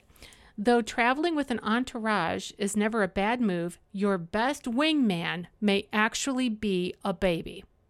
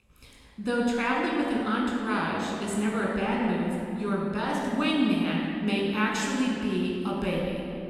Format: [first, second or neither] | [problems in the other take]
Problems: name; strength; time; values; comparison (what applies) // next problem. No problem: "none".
first | off-mic speech; far // room echo; strong; dies away in 2.6 s